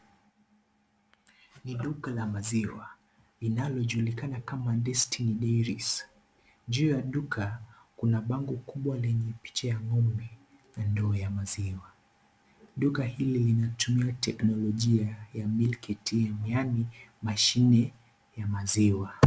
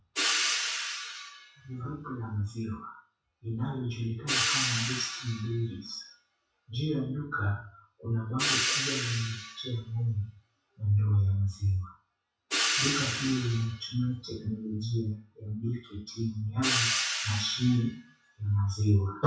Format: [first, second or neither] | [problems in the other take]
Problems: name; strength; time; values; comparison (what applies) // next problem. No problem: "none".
first | noise reduction (classical method WPE with log-MMSE)